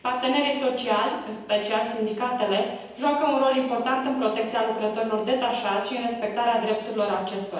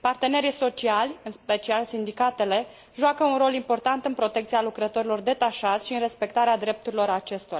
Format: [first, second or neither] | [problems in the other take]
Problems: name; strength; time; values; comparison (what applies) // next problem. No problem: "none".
second | room echo; dies away in 0.9 s